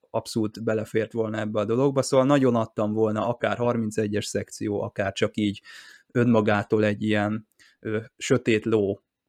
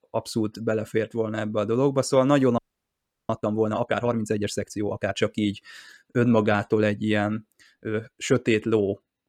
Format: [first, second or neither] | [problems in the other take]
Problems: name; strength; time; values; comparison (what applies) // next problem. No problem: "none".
first | audio freezing; at 2.5 s for 0.5 s